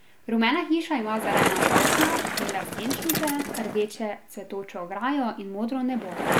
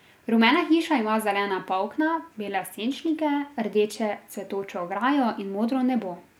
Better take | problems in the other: second | background sound (Bicycle); as loud as the speech

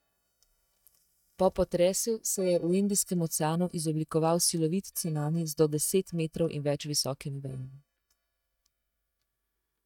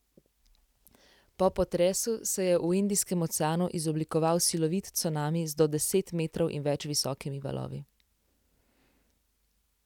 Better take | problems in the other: second | noise reduction (neural mask model DeepFilterNet 3)

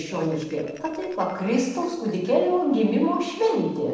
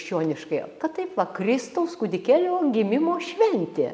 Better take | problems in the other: second | noise reduction (neural separator model SepFormer DNS4)

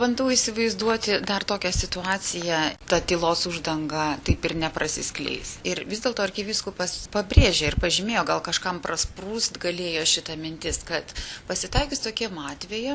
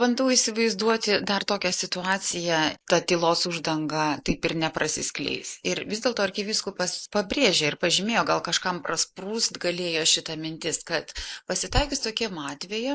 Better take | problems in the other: first | noise reduction (neural mask model Resemble Enhance denoiser)

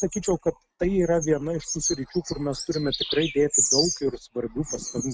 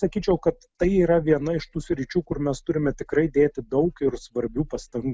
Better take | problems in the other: second | noise reduction (neural mask model RNNoise)

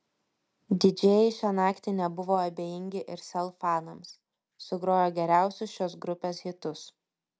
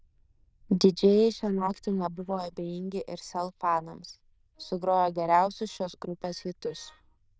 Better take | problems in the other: first | noise reduction (neural diffusion model UNIVERSE++)

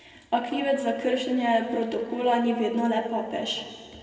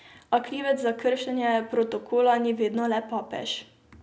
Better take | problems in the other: second | room echo; dies away in 2 s

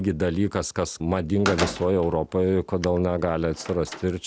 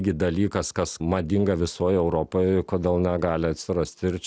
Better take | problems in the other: second | background sound (Slam); 12 dB below the speech

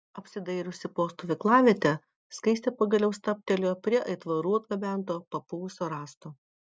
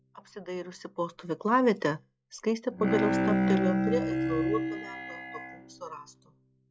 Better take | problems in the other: first | noise reduction (classical method log-MMSE)

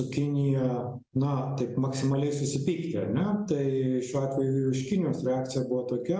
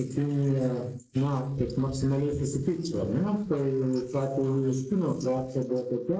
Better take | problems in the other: first | noise reduction (neural mask model Resemble Enhance denoiser)

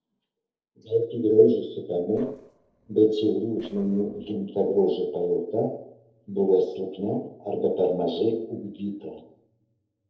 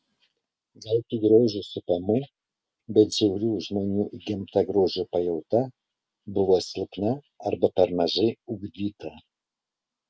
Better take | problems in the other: second | noise reduction (neural separator model SepFormer DNS4)

